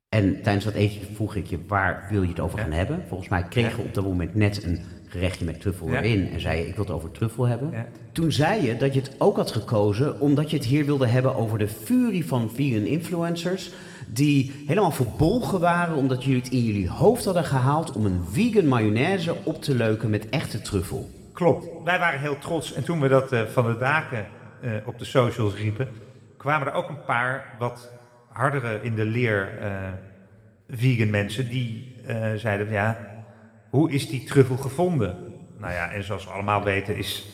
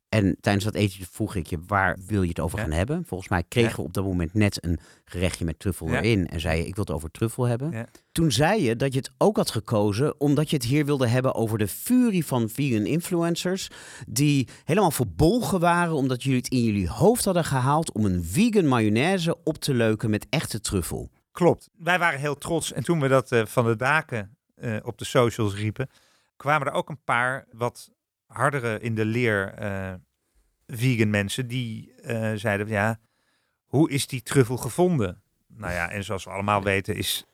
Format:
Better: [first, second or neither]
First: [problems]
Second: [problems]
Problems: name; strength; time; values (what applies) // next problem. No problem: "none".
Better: second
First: room echo; slight; dies away in 1.6 s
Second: none